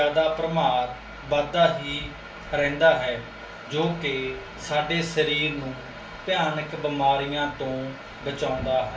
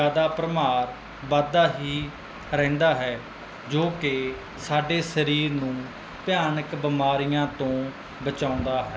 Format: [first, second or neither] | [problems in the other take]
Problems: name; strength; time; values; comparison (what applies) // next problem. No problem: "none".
second | room echo; dies away in 0.2 s